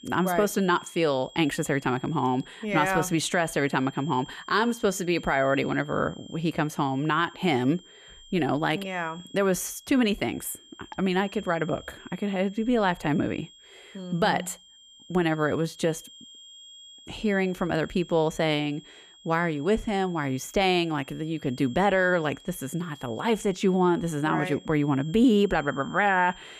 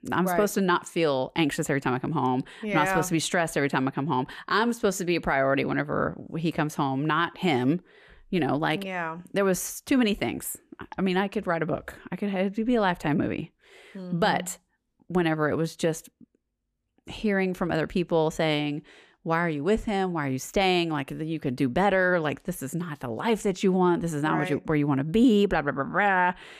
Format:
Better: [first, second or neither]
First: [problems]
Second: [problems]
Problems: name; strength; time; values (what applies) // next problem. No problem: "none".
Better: second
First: high-pitched whine; faint; throughout; 3.5 kHz, 20 dB below the speech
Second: none